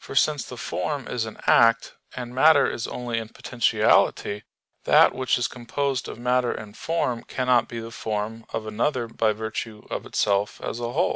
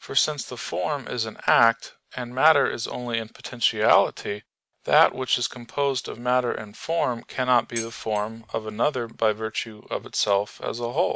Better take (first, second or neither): first